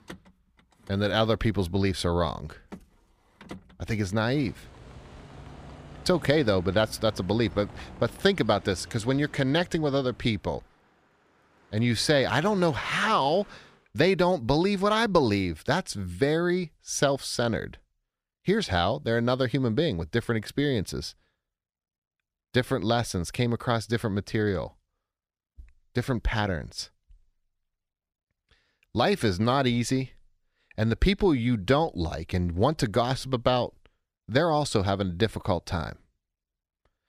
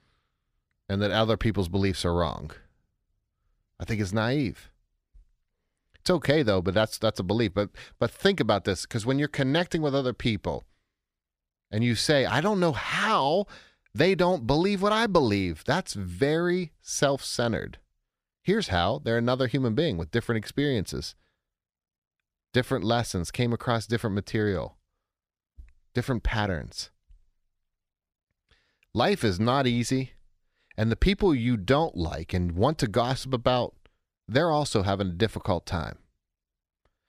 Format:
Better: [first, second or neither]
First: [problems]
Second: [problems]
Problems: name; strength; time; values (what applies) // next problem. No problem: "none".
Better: second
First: traffic noise; faint; until 14 s; 20 dB below the speech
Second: none